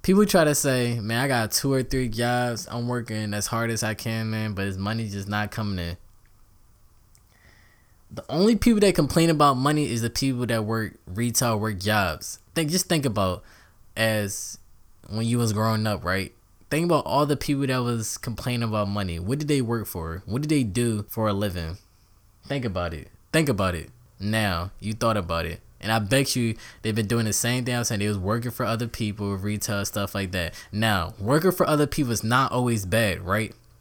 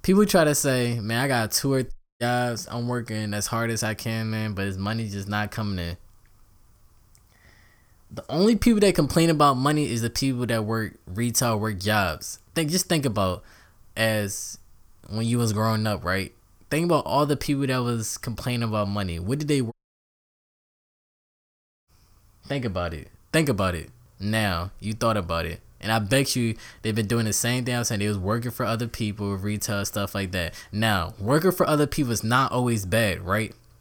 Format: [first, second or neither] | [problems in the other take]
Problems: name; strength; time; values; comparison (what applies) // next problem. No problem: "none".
first | audio cutting out; at 2 s and at 20 s for 2 s